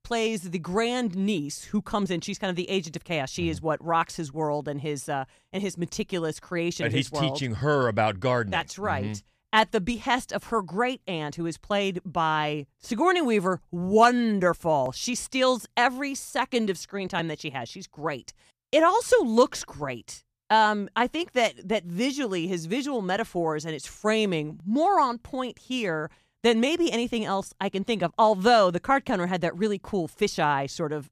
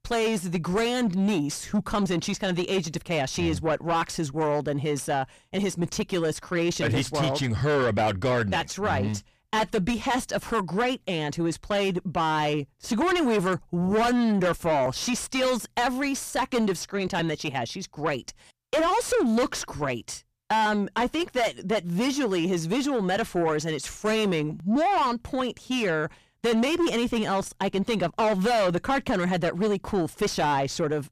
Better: first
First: none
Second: distortion; heavy; 5 dB below the speech

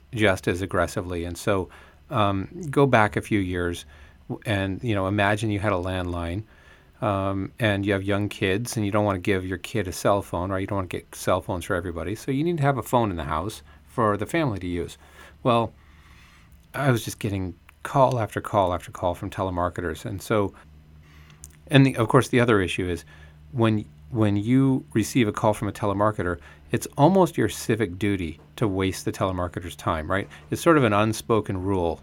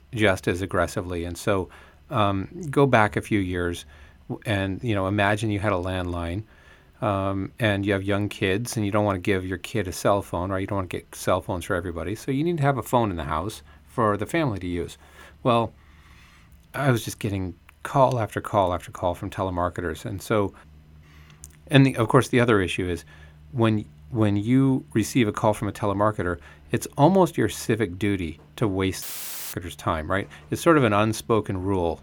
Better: first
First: none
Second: audio cutting out; filled with static; at 29 s for 0.5 s

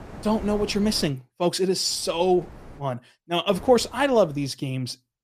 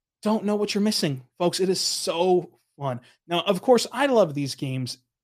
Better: second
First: wind noise on the microphone; occasional gusts; until 1 s, at 2 s and at 3.5 s; 20 dB below the speech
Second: none

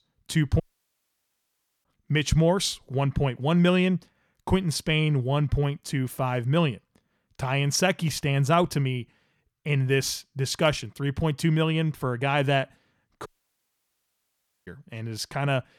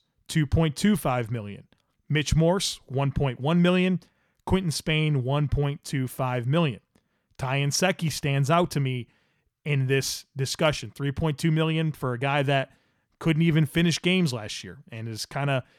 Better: second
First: audio cutting out; at 0.5 s for 1.5 s and at 13 s for 1.5 s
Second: none

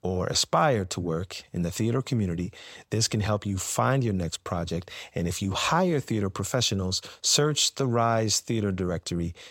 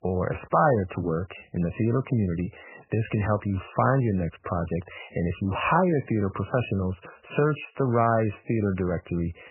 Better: first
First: none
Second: garbled, watery; badly; nothing above 3 kHz

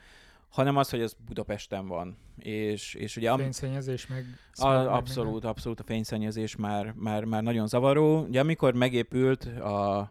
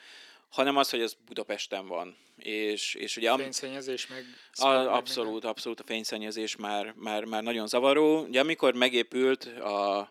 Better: first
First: none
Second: thin; somewhat; fading below 300 Hz

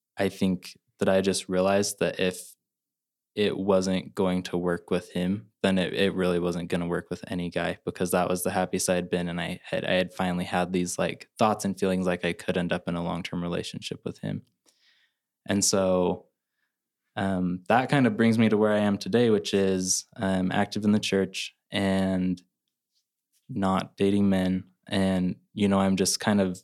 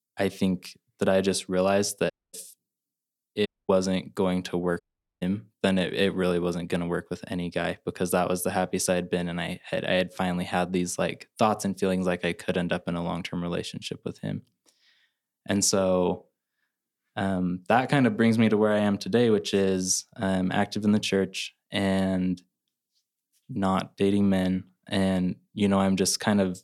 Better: first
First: none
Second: audio cutting out; at 2 s, at 3.5 s and at 5 s

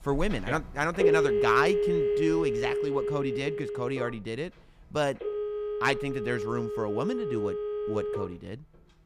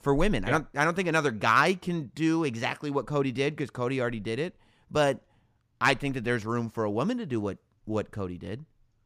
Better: second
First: alarms or sirens; very loud; throughout; 1 dB above the speech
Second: none

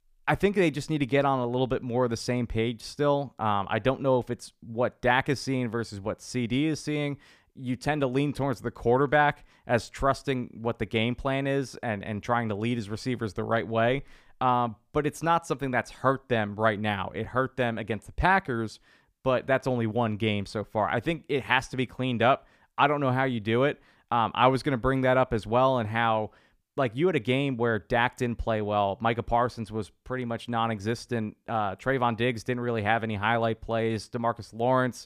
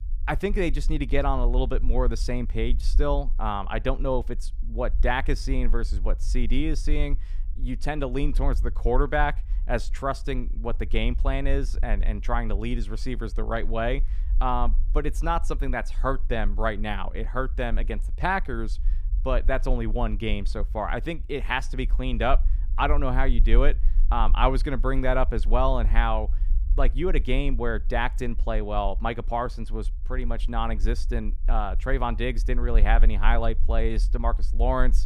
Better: first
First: none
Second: low rumble; faint; throughout; 25 dB below the speech

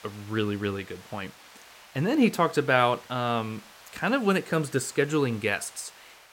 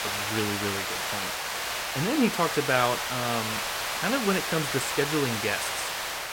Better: first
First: hiss; faint; throughout; 20 dB below the speech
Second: hiss; loud; throughout; as loud as the speech

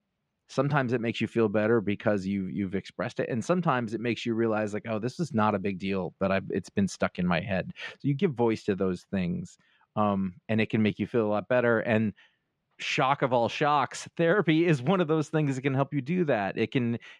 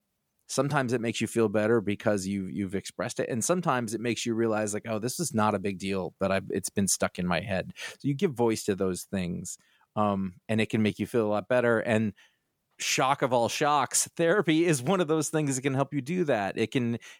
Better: second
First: muffled; slightly; fading above 3 kHz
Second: none

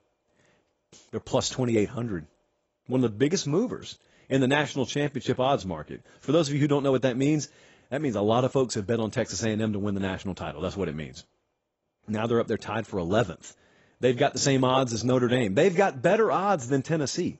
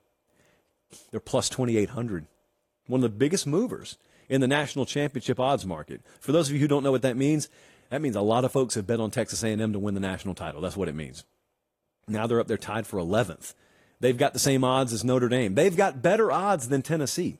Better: second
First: garbled, watery; badly; nothing above 8 kHz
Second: garbled, watery; slightly

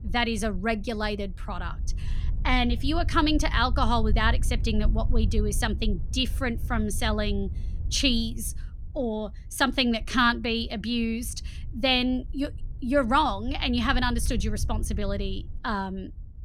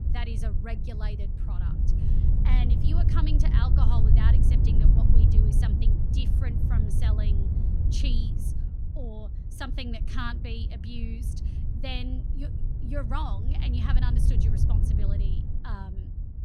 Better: first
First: wind noise on the microphone; occasional gusts; 25 dB below the speech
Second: wind noise on the microphone; heavy; 2 dB below the speech

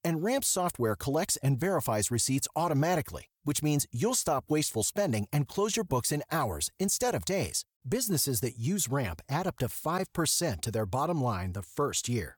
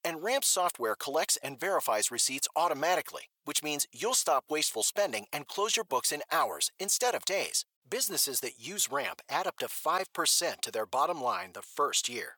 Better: first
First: none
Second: thin; very; fading below 600 Hz

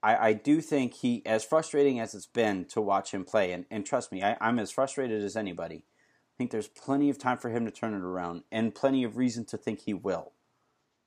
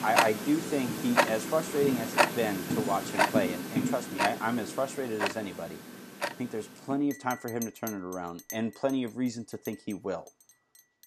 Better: first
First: none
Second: household noises; very loud; throughout; 1 dB above the speech

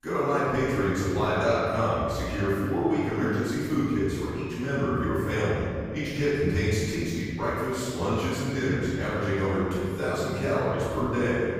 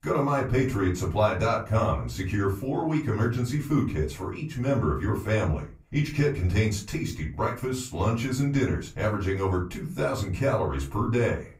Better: second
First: room echo; strong; dies away in 2 s // off-mic speech; far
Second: room echo; slight; dies away in 0.3 s // off-mic speech; far

